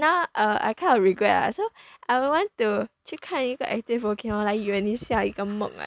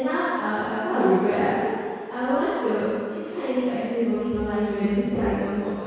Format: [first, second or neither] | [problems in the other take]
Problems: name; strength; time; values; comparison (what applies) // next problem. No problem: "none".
first | room echo; dies away in 2 s